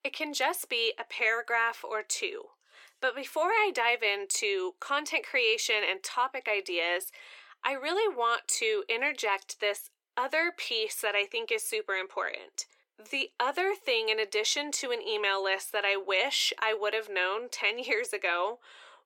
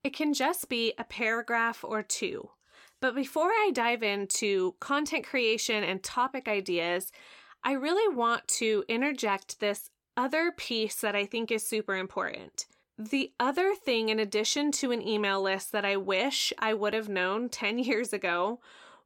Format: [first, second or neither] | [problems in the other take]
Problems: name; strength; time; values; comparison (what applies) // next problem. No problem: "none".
second | thin; very; fading below 400 Hz